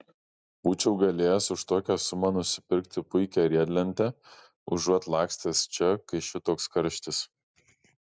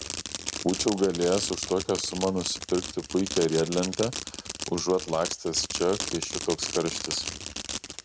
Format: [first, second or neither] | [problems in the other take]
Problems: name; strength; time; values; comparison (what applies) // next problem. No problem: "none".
first | background sound (Fireworks); 7 dB below the speech